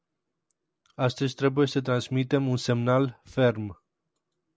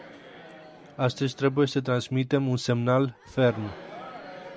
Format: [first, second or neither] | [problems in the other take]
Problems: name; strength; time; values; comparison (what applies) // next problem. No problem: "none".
first | background sound (Crowd); 19 dB below the speech